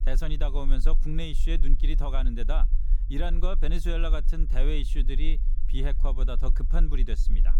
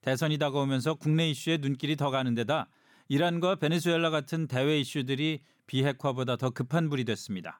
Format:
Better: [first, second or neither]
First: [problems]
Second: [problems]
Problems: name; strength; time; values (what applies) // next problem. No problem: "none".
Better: second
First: low rumble; noticeable; throughout; 15 dB below the speech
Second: none